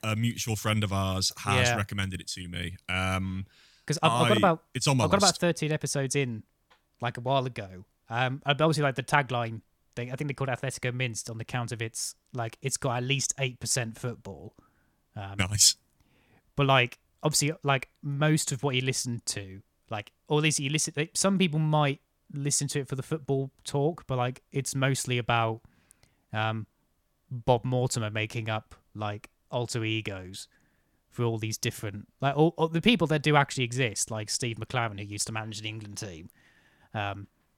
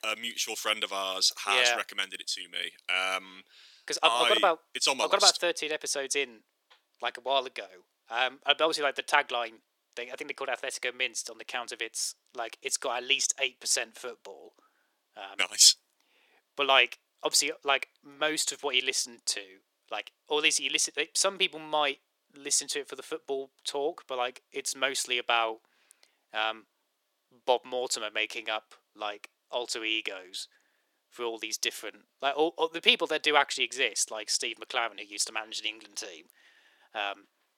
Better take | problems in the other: first | thin; very; fading below 350 Hz

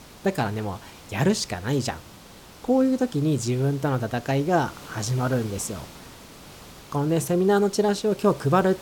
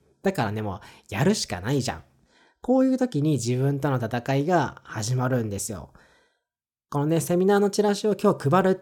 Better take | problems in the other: second | hiss; noticeable; throughout; 20 dB below the speech

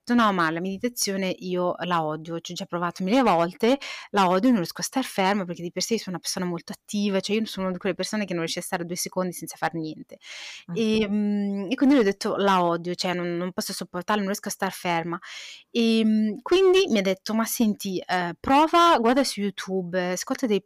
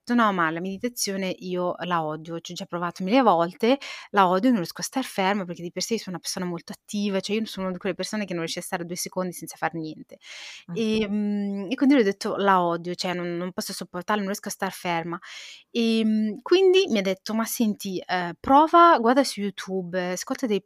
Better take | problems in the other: second | distortion; slight; 3% of the sound clipped

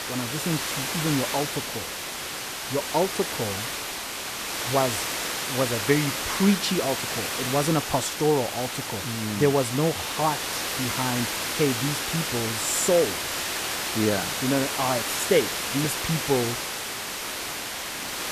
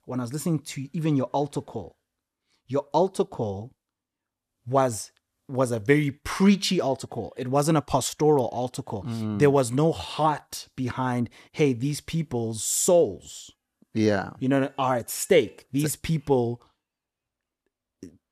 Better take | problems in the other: second | hiss; loud; throughout; 1 dB below the speech

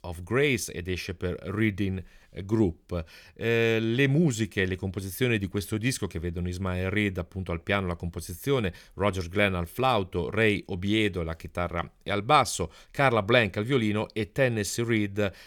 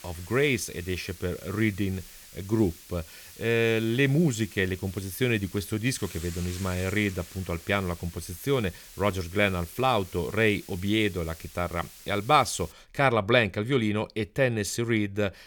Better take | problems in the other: first | hiss; noticeable; until 13 s; 20 dB below the speech

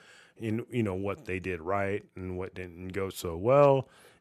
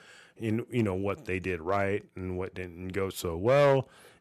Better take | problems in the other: first | distortion; slight; 3% of the sound clipped

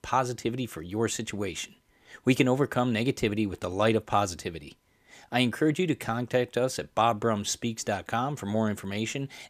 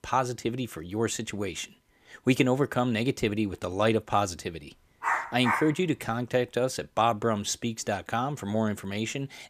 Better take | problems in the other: first | dog barking; noticeable; at 5 s; peak 1 dB below the speech

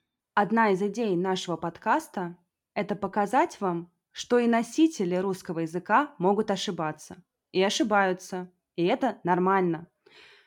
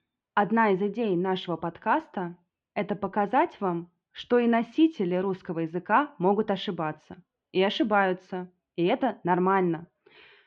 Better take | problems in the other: first | muffled; slightly; fading above 3 kHz

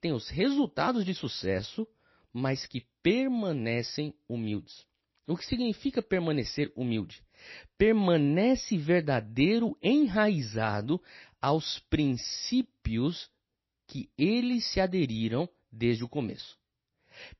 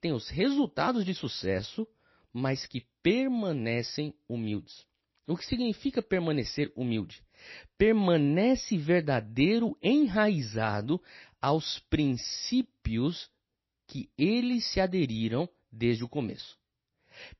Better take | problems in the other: neither | garbled, watery; slightly; nothing above 5.5 kHz; the same in both

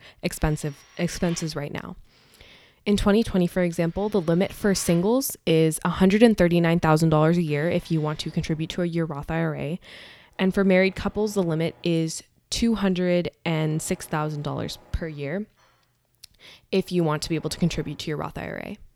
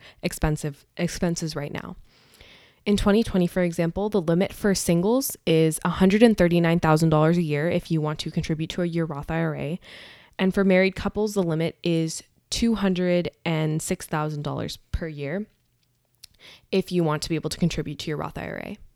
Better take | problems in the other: second | machinery noise; faint; throughout; 25 dB below the speech

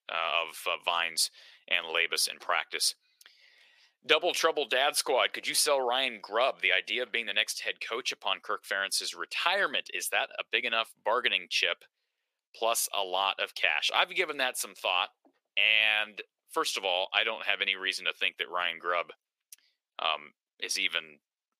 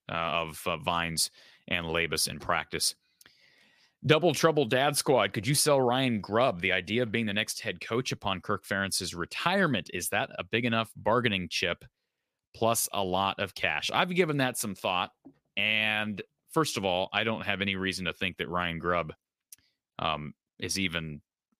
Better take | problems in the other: second | thin; very; fading below 450 Hz

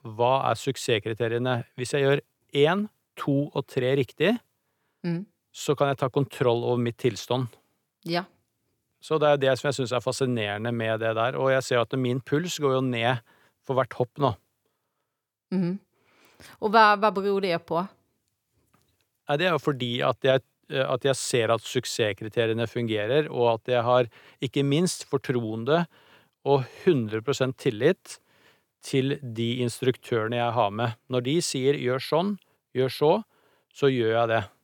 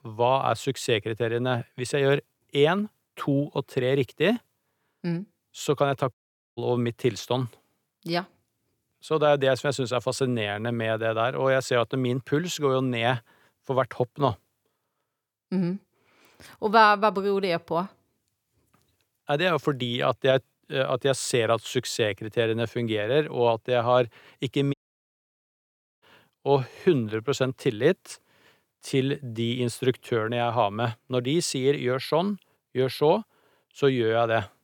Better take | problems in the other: first | audio cutting out; at 6 s and at 25 s for 1.5 s

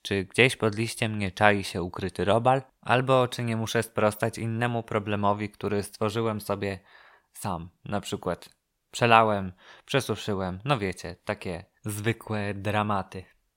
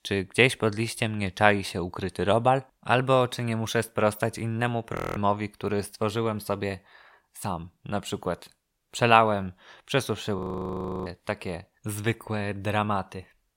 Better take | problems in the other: first | audio freezing; at 5 s and at 10 s for 0.5 s

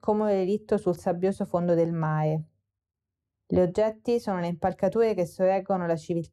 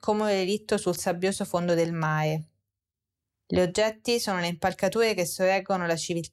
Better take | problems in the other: second | muffled; very; fading above 1.5 kHz

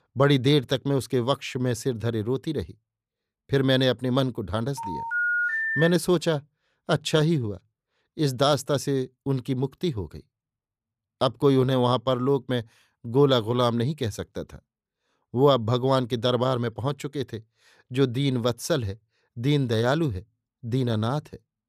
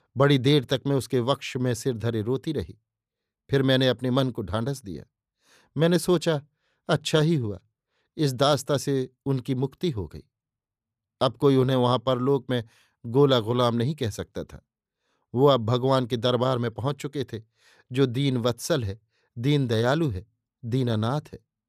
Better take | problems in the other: second | phone ringing; loud; from 5 to 6 s; peak 1 dB above the speech

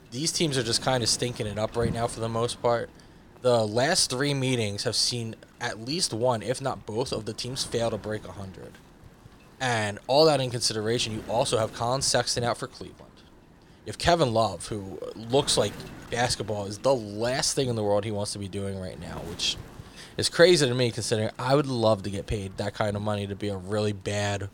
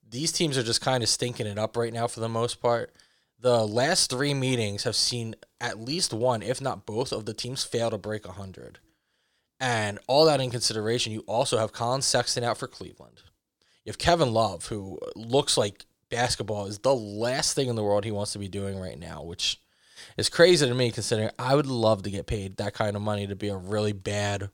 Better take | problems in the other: second | wind noise on the microphone; occasional gusts; 25 dB below the speech

